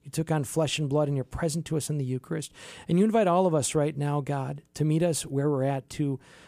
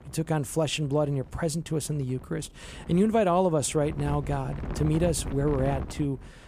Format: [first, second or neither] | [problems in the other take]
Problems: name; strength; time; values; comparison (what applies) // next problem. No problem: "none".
first | wind noise on the microphone; occasional gusts; 15 dB below the speech